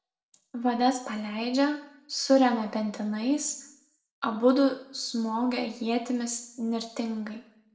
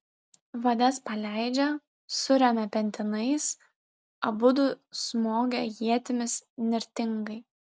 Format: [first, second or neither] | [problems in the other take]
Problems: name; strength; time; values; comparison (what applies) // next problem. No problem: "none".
second | room echo; dies away in 0.6 s